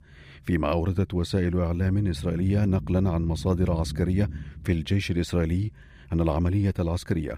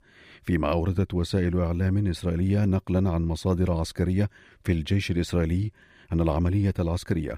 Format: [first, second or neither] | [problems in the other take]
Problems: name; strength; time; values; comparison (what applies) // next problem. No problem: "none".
second | low rumble; noticeable; throughout; 20 dB below the speech